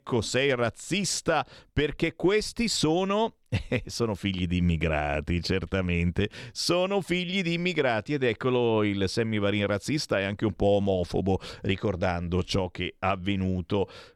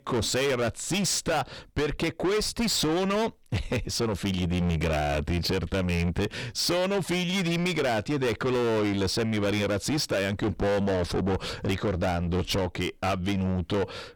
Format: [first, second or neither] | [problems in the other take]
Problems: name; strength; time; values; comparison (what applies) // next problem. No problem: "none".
first | distortion; heavy; 7 dB below the speech